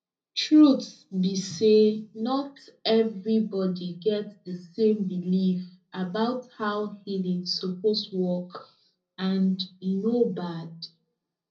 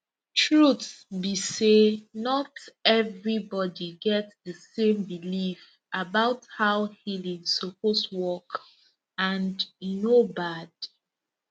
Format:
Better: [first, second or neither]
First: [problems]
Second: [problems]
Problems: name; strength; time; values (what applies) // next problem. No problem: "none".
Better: second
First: room echo; dies away in 0.4 s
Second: none